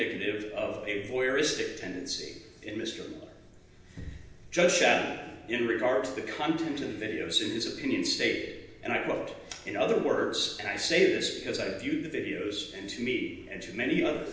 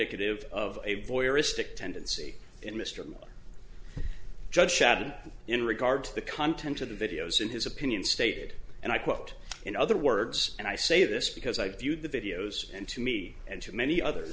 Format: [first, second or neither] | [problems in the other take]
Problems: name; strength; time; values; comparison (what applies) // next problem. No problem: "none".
second | room echo; dies away in 0.9 s